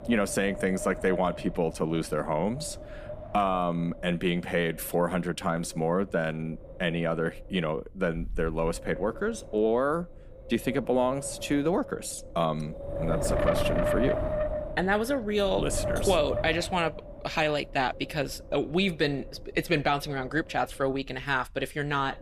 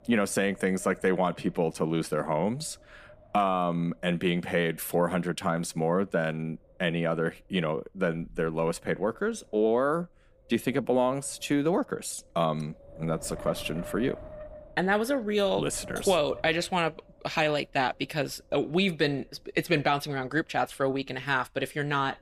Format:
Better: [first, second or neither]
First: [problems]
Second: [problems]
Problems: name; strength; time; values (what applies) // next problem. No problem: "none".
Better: second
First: wind noise on the microphone; heavy; 6 dB below the speech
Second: wind noise on the microphone; occasional gusts; 20 dB below the speech